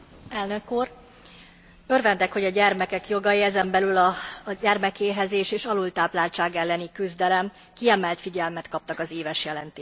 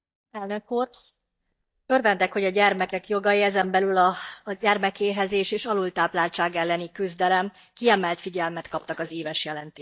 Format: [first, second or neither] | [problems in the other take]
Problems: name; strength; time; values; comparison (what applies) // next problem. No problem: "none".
first | noise reduction (neural mask model DeepFilterNet 3)